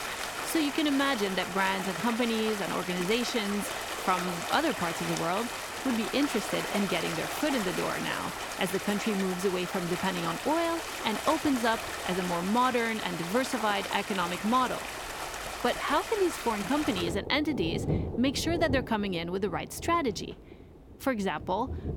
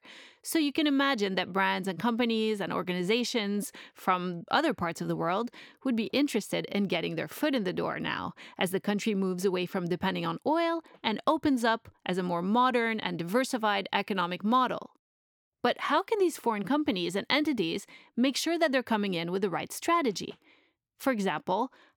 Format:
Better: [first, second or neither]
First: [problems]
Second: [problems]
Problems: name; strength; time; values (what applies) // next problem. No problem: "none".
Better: second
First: rain or running water; loud; throughout; 5 dB below the speech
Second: none